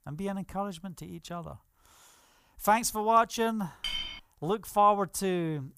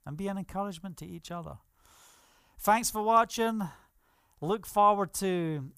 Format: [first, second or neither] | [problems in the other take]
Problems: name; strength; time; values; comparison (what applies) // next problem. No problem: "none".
second | clattering dishes; noticeable; at 4 s; peak 5 dB below the speech